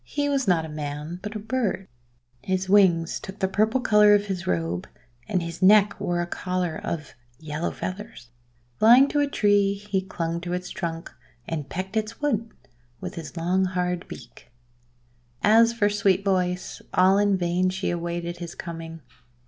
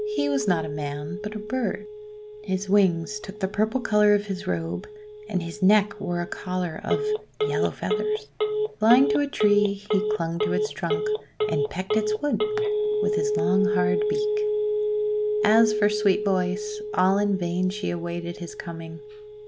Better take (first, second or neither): first